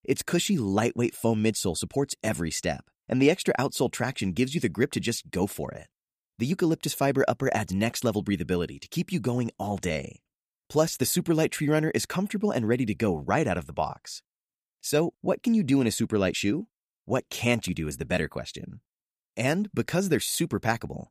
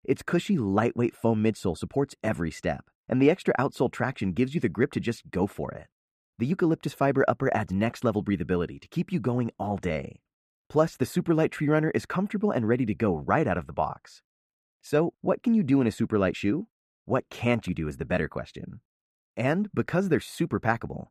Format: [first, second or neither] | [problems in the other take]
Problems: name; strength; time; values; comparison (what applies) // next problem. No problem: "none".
first | muffled; slightly; fading above 3 kHz